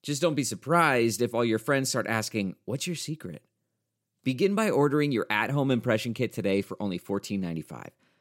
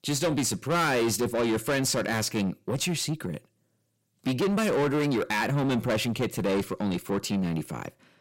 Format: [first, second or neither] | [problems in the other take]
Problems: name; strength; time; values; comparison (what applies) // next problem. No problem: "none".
first | distortion; heavy; 6 dB below the speech